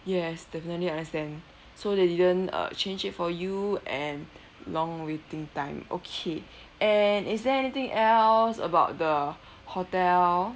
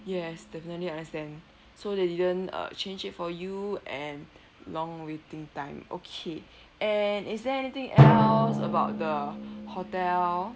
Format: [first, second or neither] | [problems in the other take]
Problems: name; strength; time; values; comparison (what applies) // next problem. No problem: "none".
first | background sound (Drum); 1 dB above the speech